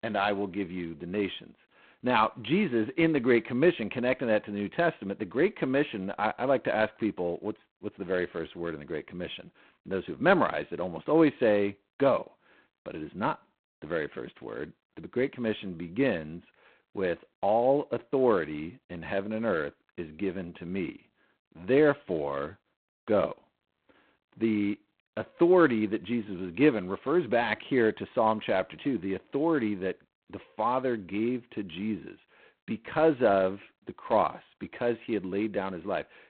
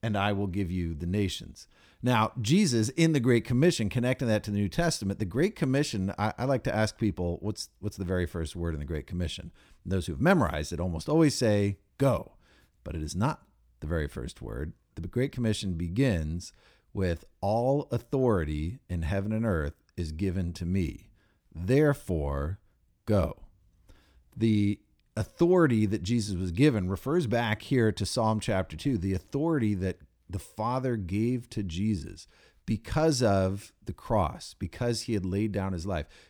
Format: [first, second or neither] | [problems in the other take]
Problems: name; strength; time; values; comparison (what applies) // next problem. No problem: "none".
second | phone-call audio; poor line; nothing above 4 kHz